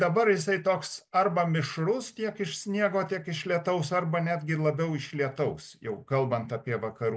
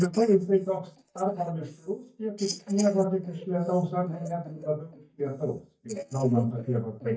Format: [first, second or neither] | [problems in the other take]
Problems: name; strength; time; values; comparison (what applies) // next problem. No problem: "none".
first | noise reduction (neural mask model DeepFilterNet 3)